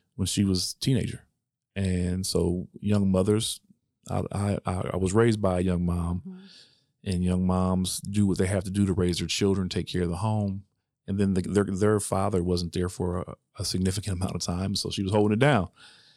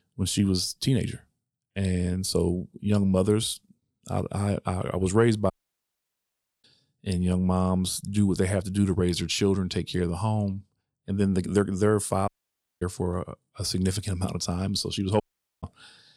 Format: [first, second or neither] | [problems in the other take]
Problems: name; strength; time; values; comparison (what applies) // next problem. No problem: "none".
first | audio cutting out; at 5.5 s for 1 s, at 12 s for 0.5 s and at 15 s